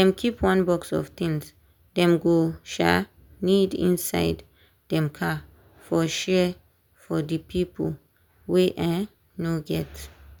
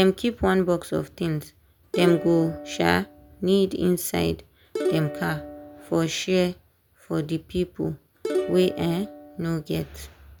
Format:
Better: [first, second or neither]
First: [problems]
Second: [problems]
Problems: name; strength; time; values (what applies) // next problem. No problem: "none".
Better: first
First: none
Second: background sound (Plucked string instrument); 7 dB below the speech